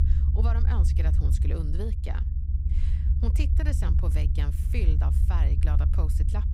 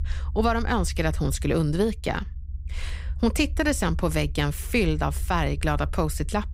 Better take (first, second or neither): second